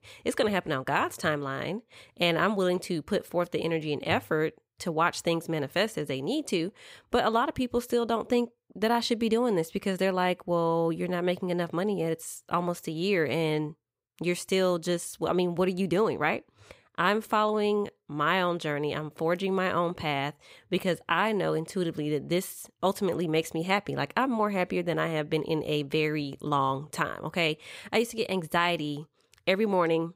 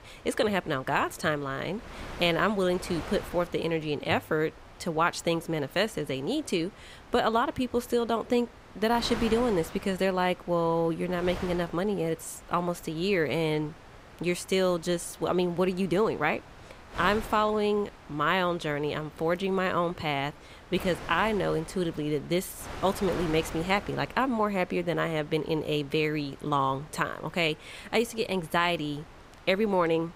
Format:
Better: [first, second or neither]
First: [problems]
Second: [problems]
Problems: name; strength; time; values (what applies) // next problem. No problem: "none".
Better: first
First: none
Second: wind noise on the microphone; occasional gusts; 15 dB below the speech